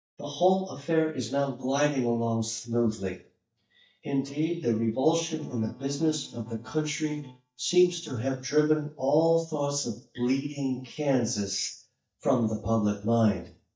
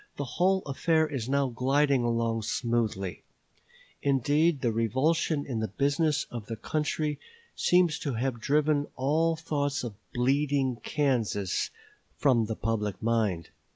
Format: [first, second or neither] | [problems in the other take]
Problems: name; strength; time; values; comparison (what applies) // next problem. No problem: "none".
second | noise reduction (neural mask model DeepFilterNet 3)